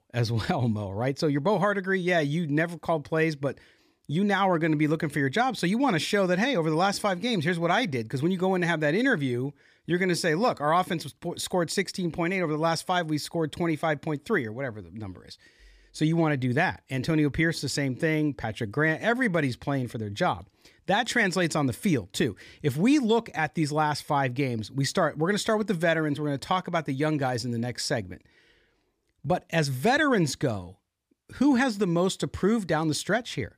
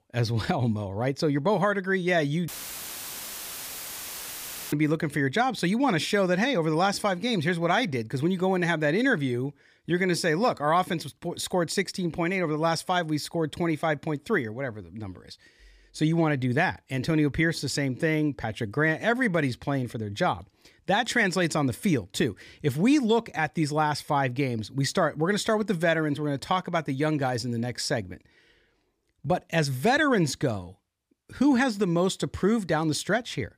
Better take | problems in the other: first | audio cutting out; filled with static; at 2.5 s for 2 s

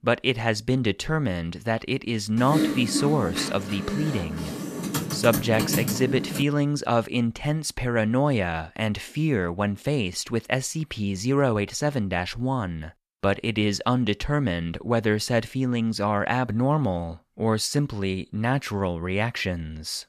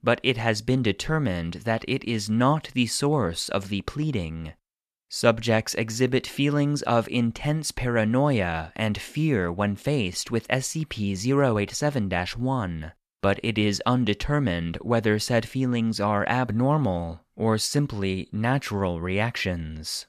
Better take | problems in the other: second | keyboard typing; loud; from 2.5 to 6.5 s; peak 1 dB above the speech

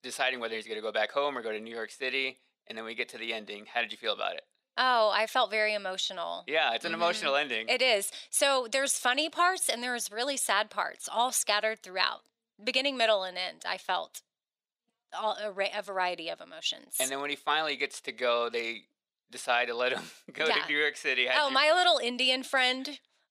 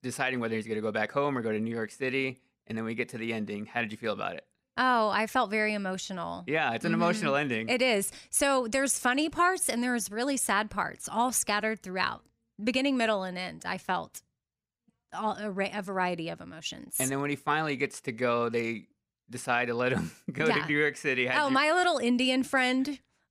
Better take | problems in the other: second | thin; somewhat; fading below 450 Hz

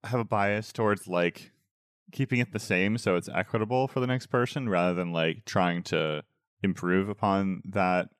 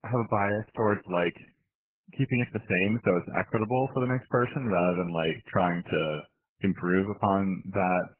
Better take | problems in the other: first | garbled, watery; badly; nothing above 3 kHz

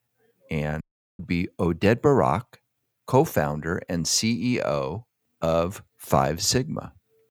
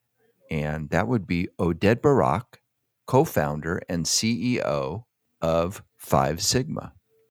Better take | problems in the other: second | audio cutting out; at 1 s

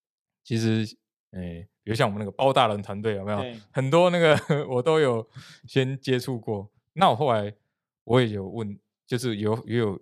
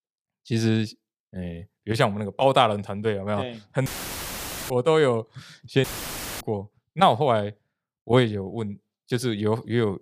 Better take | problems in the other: first | audio cutting out; filled with static; at 4 s for 1 s and at 6 s for 0.5 s

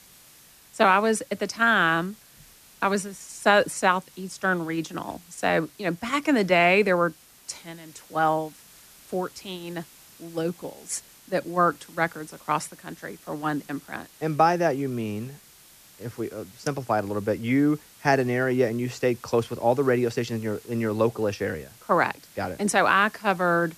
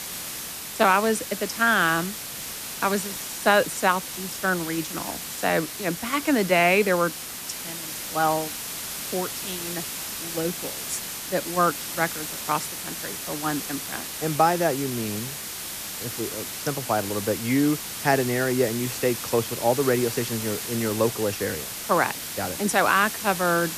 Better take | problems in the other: first | hiss; loud; throughout; 6 dB below the speech; faint in the first

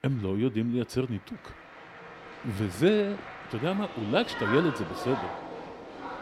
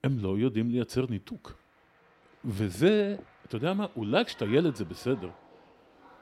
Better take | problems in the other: second | crowd noise; loud; throughout; 9 dB below the speech; faint in the second

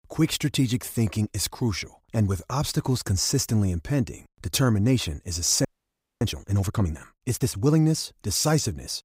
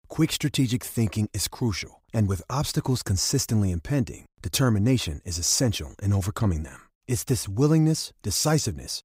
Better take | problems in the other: second | audio freezing; at 5.5 s for 0.5 s

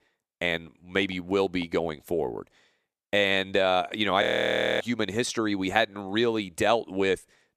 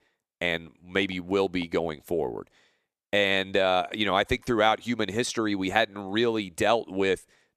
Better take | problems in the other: second | audio freezing; at 4 s for 0.5 s

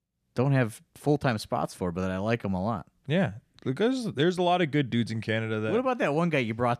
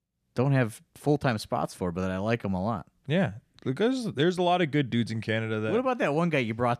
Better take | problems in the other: neither | none

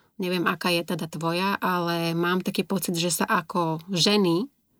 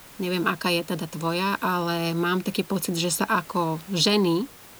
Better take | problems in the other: first | hiss; noticeable; throughout; 20 dB below the speech

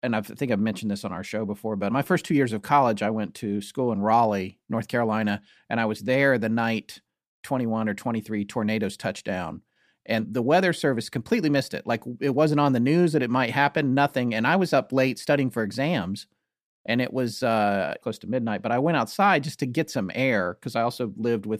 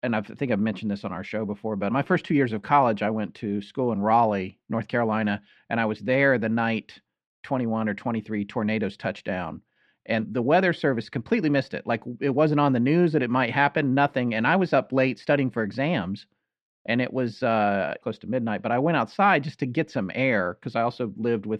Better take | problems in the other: first | muffled; slightly; fading above 2.5 kHz

